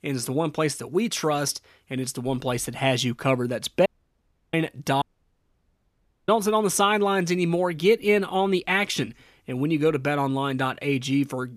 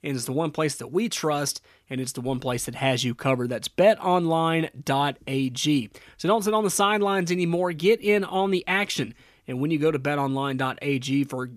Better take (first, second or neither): second